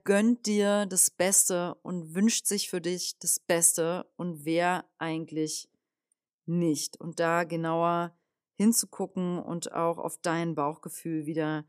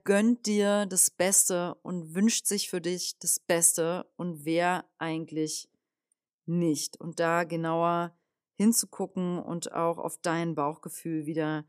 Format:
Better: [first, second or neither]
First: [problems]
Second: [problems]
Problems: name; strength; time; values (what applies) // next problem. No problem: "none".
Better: neither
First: none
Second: none